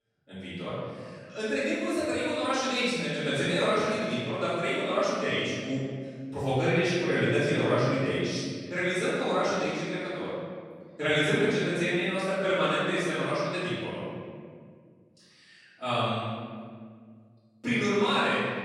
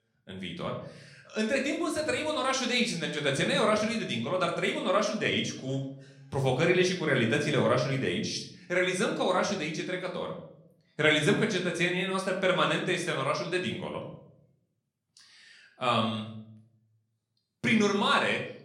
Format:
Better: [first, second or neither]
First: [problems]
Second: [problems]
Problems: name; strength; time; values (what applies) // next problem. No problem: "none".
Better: second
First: room echo; strong; dies away in 1.9 s // off-mic speech; far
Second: room echo; slight; dies away in 0.6 s // off-mic speech; somewhat distant